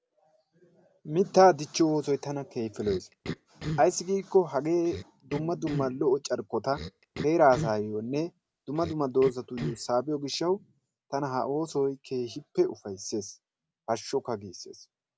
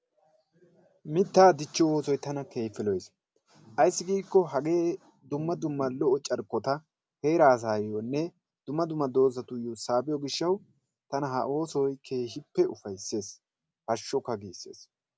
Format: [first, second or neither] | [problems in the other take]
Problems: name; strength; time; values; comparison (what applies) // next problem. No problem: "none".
second | background sound (Cough); 12 dB below the speech